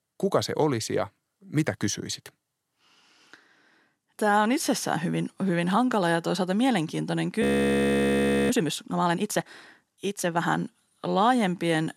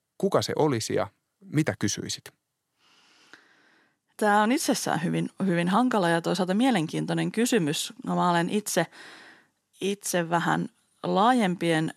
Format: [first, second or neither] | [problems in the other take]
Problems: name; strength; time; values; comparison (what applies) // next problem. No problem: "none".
second | audio freezing; at 7.5 s for 1 s